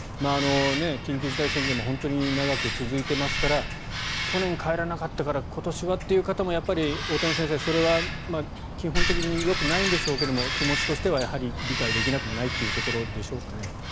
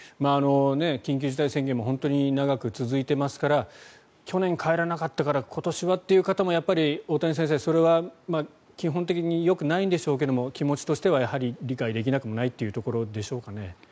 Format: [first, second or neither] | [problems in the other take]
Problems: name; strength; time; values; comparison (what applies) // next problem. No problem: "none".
second | background sound (Bird vocalization, bird call, bird song); 2 dB below the speech